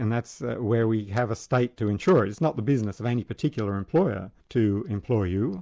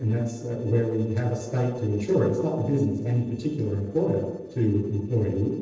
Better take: first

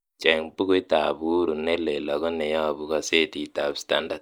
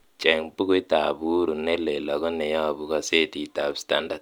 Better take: second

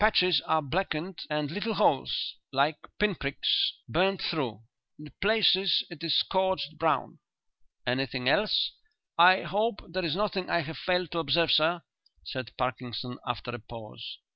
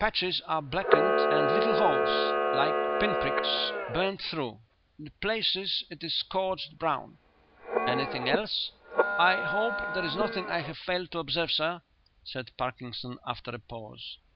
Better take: first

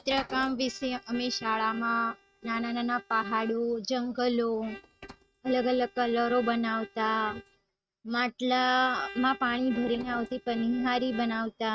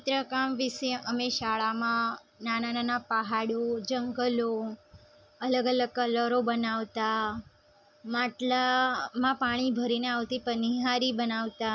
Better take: second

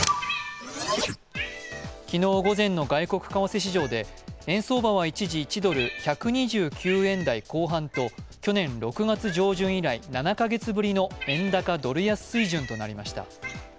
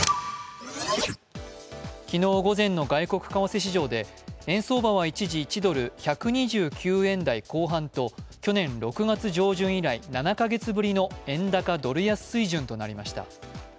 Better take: second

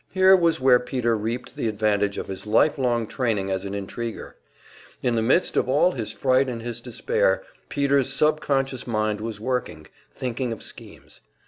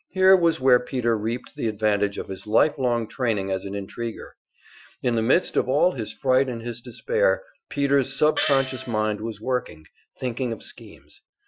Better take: first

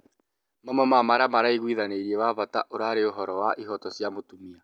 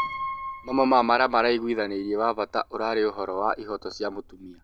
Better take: first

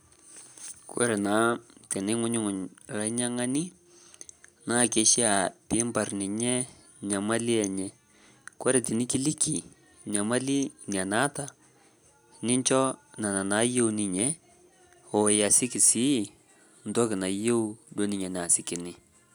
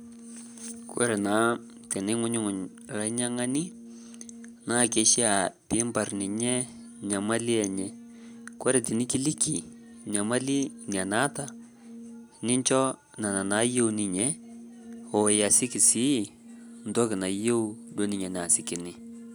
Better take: first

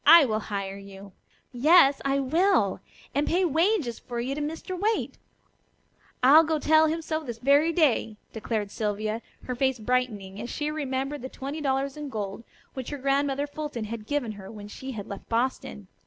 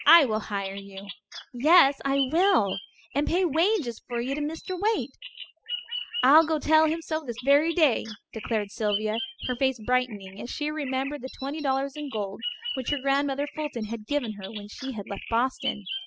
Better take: first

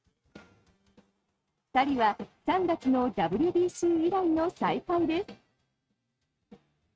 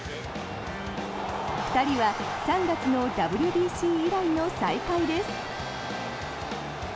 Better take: second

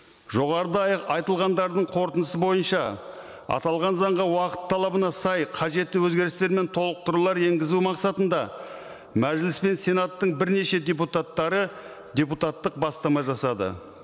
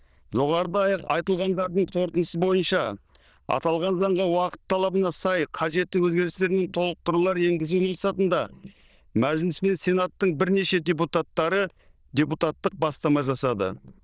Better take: first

